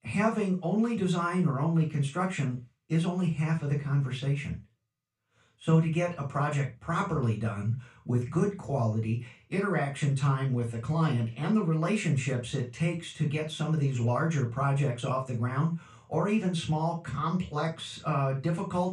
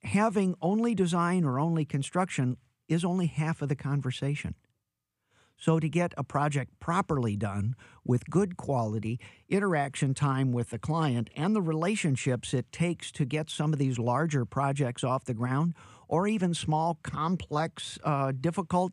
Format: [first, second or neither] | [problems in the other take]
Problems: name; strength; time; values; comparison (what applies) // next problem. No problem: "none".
second | room echo; slight; dies away in 0.2 s // off-mic speech; far